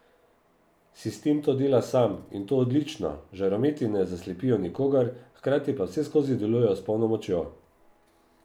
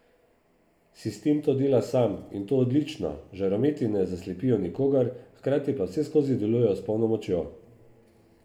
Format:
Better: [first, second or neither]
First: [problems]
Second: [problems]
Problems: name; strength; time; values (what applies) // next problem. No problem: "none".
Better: first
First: none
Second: room echo; dies away in 1.4 s